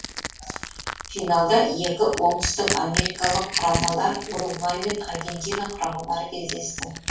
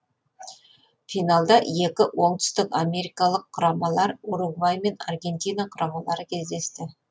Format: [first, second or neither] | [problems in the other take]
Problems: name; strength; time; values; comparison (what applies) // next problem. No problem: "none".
second | background sound (Crushing); 6 dB below the speech // room echo; dies away in 0.3 s